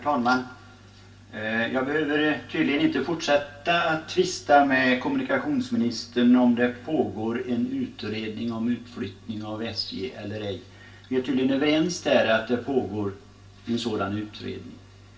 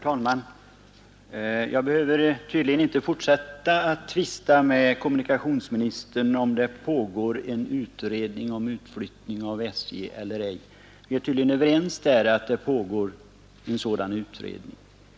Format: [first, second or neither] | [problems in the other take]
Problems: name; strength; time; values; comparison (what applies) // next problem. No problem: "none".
second | room echo; dies away in 0.3 s